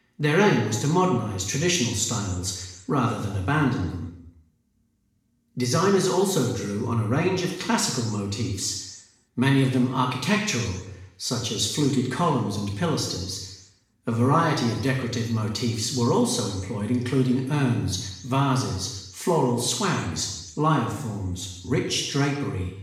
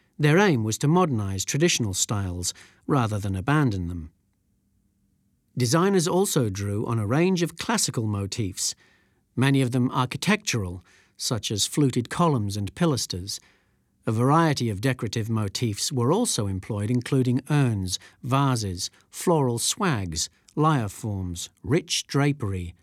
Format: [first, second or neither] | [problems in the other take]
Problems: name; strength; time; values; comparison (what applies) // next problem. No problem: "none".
second | room echo; noticeable; dies away in 0.8 s // off-mic speech; far